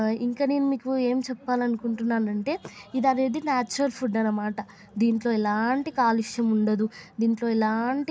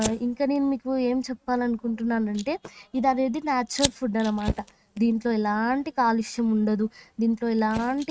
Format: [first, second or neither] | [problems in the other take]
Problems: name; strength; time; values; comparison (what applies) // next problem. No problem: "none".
first | noise reduction (neural mask model RNNoise)